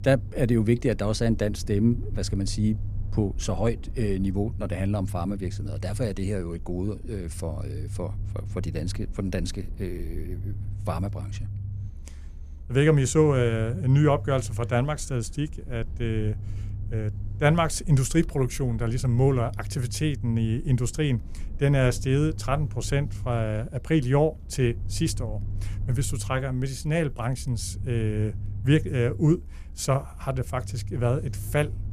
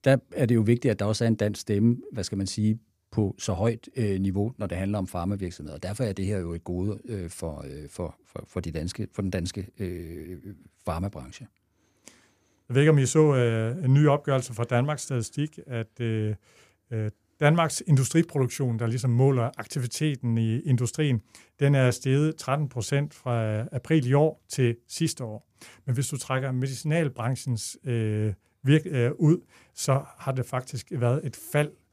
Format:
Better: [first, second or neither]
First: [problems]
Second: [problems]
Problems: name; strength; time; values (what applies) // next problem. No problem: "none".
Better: second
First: low rumble; faint; throughout; 20 dB below the speech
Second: none